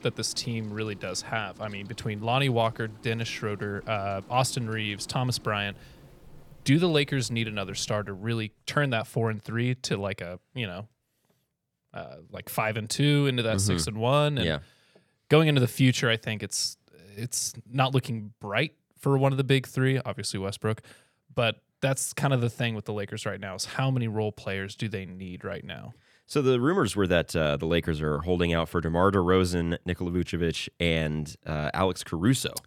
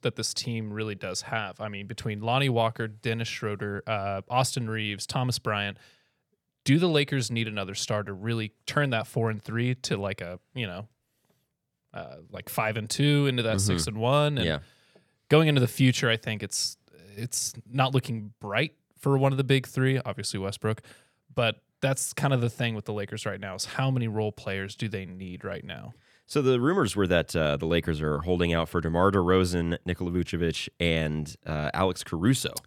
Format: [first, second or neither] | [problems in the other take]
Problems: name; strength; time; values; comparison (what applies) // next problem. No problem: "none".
second | rain or running water; faint; until 8 s; 25 dB below the speech